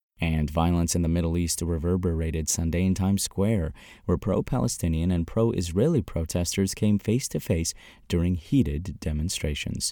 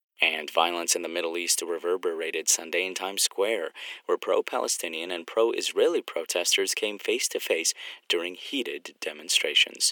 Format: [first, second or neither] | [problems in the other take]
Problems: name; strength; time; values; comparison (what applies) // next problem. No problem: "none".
first | thin; very; fading below 350 Hz